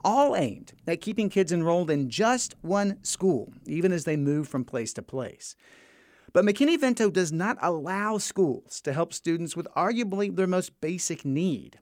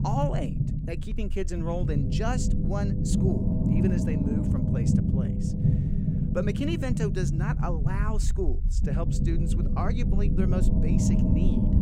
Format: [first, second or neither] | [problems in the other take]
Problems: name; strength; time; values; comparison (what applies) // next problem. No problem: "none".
first | low rumble; loud; throughout; as loud as the speech